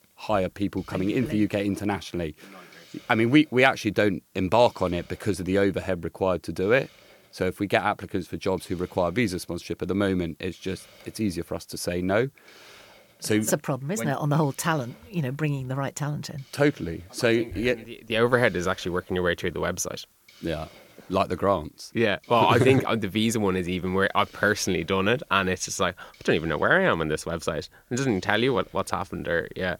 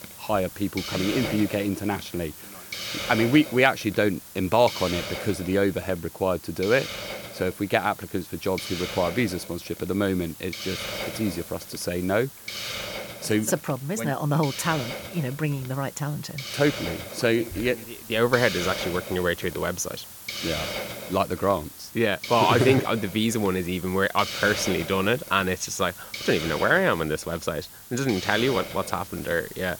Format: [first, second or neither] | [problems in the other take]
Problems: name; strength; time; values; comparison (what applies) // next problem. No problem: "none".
first | hiss; loud; throughout; 9 dB below the speech; faint in the first